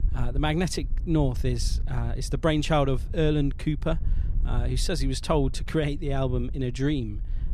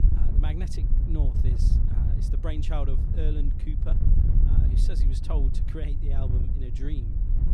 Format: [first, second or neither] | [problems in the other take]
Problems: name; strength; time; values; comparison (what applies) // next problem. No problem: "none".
first | wind noise on the microphone; heavy; 1 dB below the speech; occasional gusts in the first